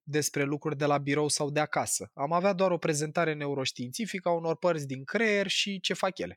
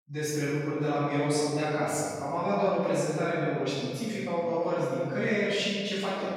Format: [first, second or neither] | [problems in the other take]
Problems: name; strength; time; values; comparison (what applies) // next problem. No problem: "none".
first | off-mic speech; far // room echo; strong; dies away in 2.1 s